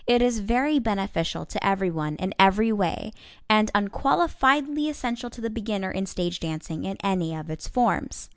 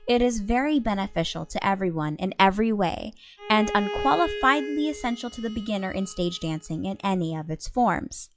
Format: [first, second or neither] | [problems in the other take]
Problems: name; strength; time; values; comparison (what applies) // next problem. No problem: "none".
first | noise reduction (classical method log-MMSE)